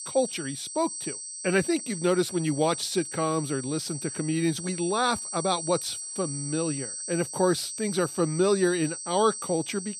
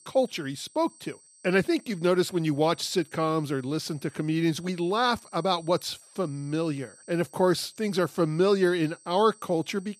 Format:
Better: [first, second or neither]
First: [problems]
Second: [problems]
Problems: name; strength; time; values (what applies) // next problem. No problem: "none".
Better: second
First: high-pitched whine; loud; throughout; 8 kHz, 7 dB below the speech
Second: high-pitched whine; faint; throughout; 8 kHz, 25 dB below the speech